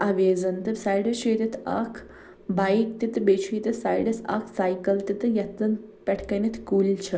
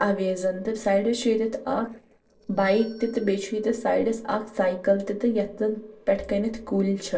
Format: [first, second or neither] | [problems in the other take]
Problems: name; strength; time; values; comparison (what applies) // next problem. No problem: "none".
first | noise reduction (neural separator model SepFormer DNS4)